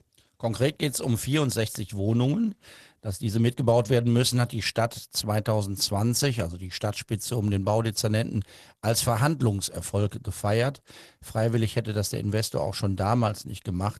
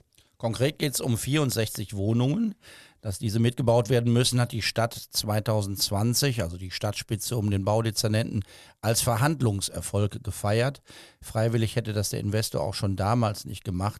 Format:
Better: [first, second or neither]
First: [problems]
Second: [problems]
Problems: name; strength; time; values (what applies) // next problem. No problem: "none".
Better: second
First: garbled, watery; slightly; nothing above 13.5 kHz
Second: none